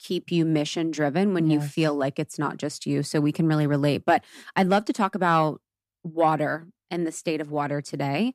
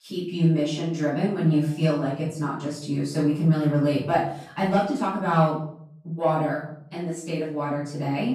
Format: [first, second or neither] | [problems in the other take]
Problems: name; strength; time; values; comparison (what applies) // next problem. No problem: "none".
first | off-mic speech; far // room echo; noticeable; dies away in 0.5 s